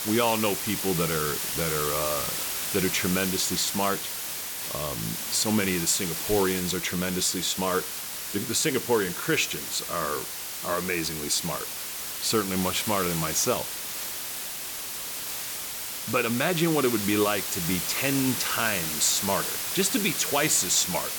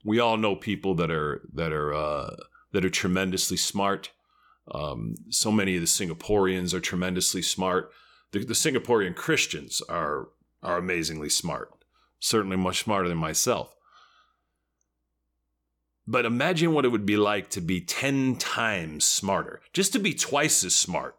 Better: second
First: hiss; loud; throughout; 3 dB below the speech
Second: none

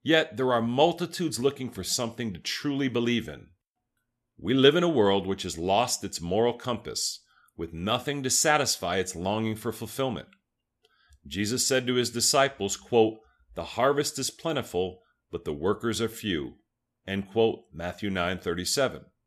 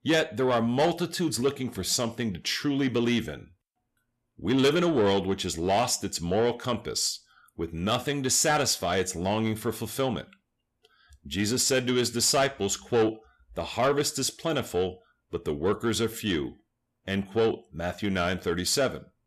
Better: first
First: none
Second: distortion; slight; 10 dB below the speech

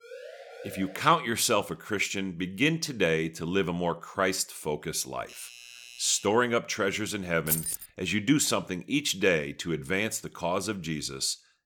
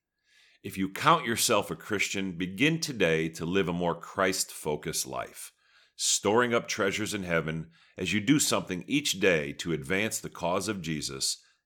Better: second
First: siren; faint; at the start; peak 15 dB below the speech // doorbell; faint; from 5 to 6.5 s; peak 15 dB below the speech // jangling keys; loud; at 7.5 s; peak level with the speech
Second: none

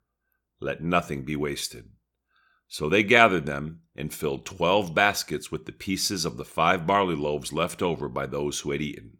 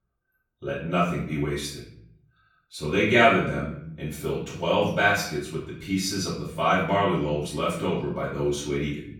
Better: first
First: none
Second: off-mic speech; far // room echo; noticeable; dies away in 0.7 s

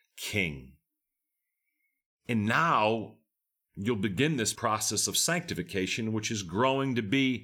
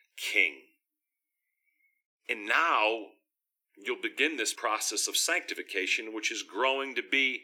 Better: first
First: none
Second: thin; somewhat; fading below 300 Hz

